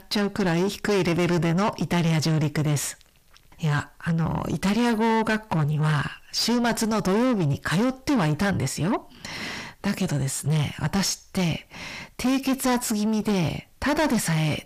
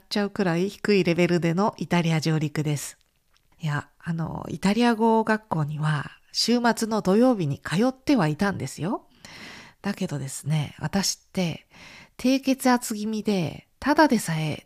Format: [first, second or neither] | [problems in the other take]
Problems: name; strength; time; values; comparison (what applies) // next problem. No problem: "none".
second | distortion; heavy; 5 dB below the speech